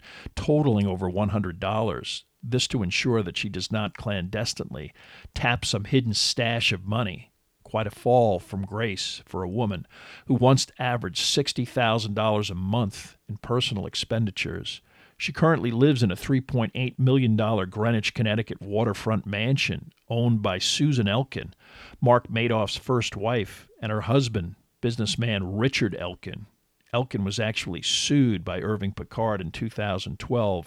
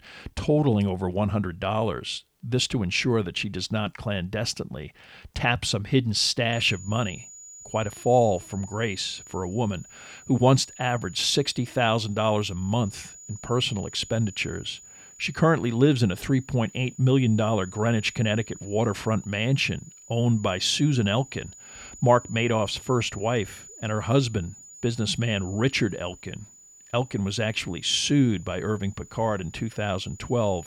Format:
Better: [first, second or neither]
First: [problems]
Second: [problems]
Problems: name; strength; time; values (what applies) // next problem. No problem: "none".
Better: first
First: none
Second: high-pitched whine; noticeable; from 6.5 s on; 7 kHz, 20 dB below the speech